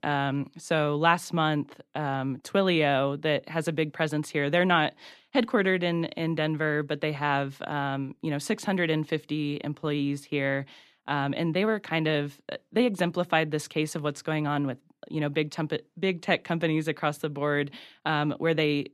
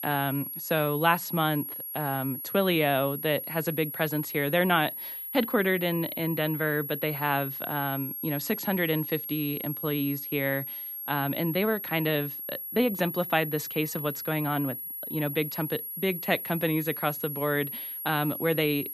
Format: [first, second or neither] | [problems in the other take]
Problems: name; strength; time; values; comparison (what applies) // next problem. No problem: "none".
first | high-pitched whine; loud; throughout; 11.5 kHz, 5 dB below the speech